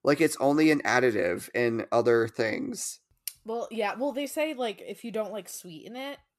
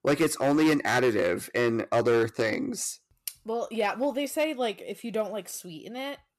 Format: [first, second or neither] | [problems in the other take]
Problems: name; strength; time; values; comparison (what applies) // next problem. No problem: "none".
first | distortion; slight; 5% of the sound clipped